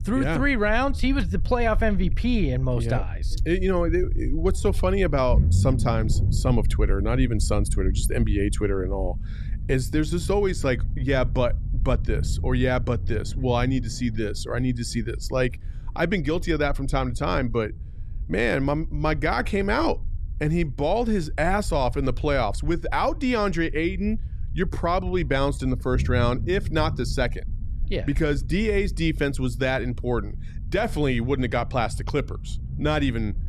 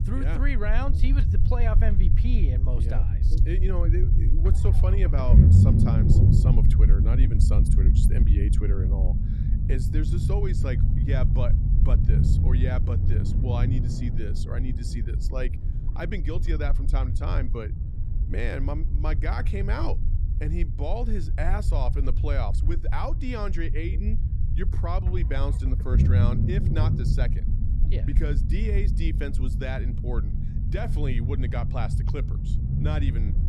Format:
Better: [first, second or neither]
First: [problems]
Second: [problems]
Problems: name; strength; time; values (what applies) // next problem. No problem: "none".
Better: first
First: low rumble; faint; throughout; 20 dB below the speech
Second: low rumble; loud; throughout; 3 dB below the speech